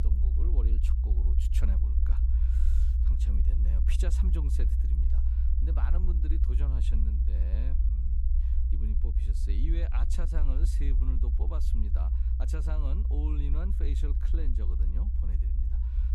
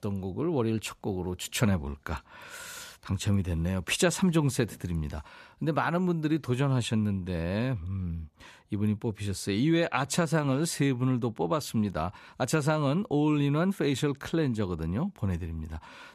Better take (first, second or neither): second